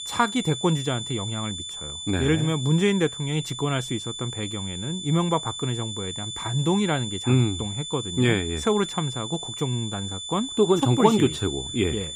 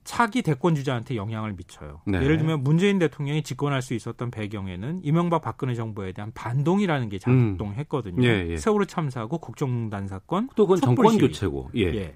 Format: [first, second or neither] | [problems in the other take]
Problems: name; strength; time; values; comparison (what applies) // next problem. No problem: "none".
second | high-pitched whine; loud; throughout; 3.5 kHz, 7 dB below the speech